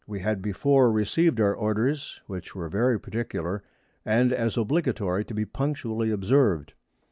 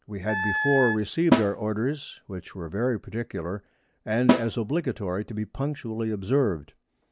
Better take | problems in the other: first | background sound (Snare drum + Wind instrument, woodwind instrument); 1 dB below the speech

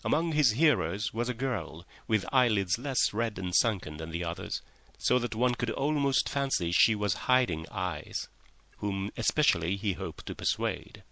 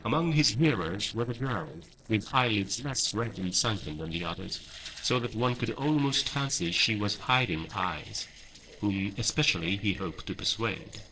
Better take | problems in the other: first | noise reduction (neural separator model SepFormer DNS4)

